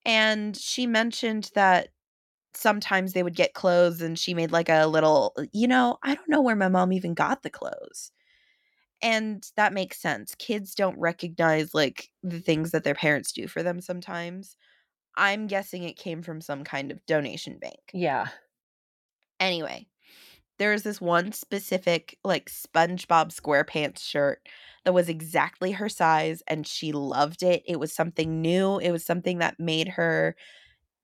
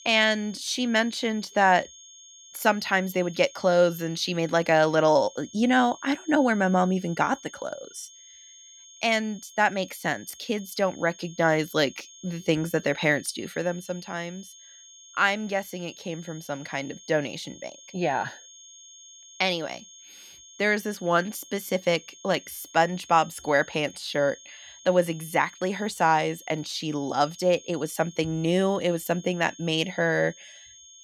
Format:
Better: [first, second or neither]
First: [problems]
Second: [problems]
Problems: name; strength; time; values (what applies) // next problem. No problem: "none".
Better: first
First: none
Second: high-pitched whine; faint; throughout; 6.5 kHz, 20 dB below the speech